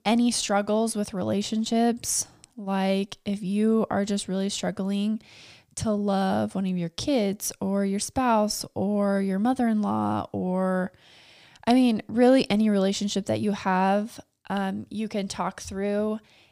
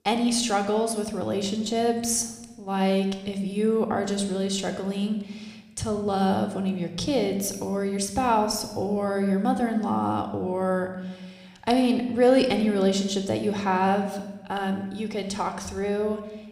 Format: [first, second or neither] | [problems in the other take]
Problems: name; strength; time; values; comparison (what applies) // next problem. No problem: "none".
first | room echo; slight; dies away in 0.9 s